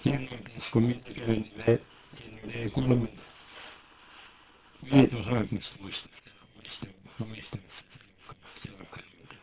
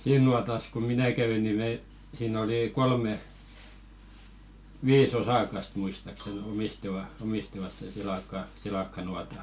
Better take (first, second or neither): second